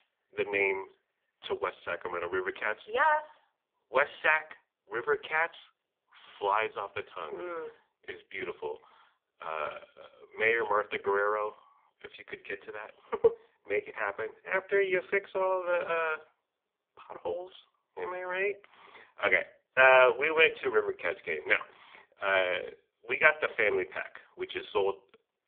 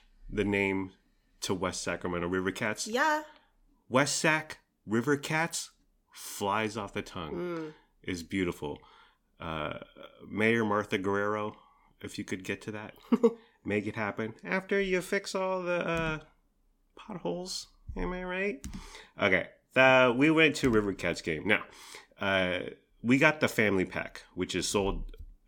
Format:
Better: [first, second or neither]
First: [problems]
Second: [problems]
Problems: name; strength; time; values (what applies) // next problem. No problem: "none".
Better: second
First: phone-call audio; poor line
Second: none